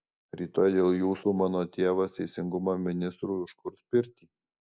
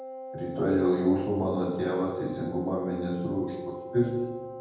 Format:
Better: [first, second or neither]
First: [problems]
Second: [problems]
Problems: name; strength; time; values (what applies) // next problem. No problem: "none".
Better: first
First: none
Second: background sound (Wind instrument, woodwind instrument); 11 dB below the speech // room echo; dies away in 1.1 s